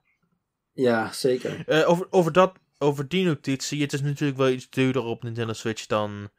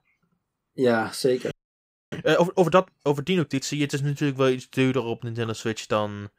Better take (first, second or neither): first